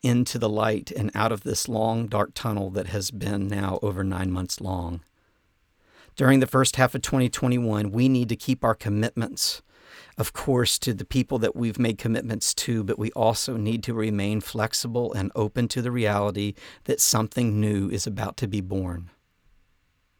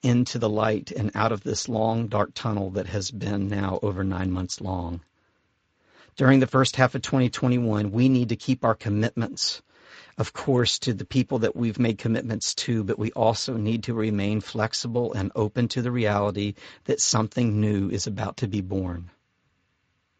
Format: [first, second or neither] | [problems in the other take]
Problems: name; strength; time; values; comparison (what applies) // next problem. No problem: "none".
first | garbled, watery; slightly; nothing above 7.5 kHz